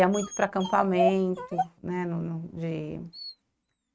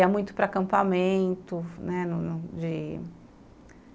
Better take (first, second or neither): second